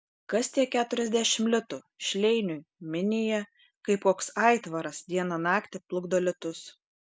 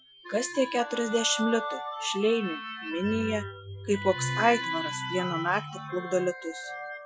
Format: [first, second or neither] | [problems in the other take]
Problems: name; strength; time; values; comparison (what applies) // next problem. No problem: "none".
first | noise reduction (classical method Wiener filter)